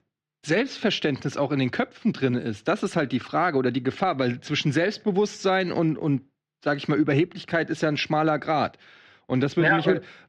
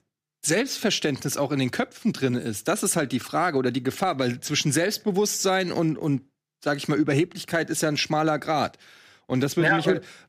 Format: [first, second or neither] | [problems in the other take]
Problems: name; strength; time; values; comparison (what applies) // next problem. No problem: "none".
second | muffled; slightly; fading above 4 kHz